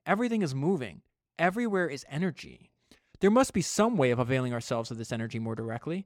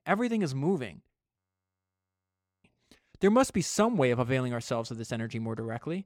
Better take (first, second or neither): first